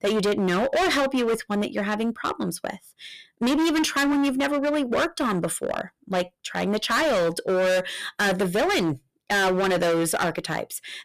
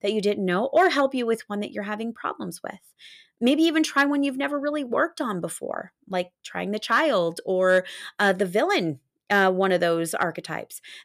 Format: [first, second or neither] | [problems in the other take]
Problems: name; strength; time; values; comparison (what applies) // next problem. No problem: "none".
second | distortion; heavy; 22% of the sound clipped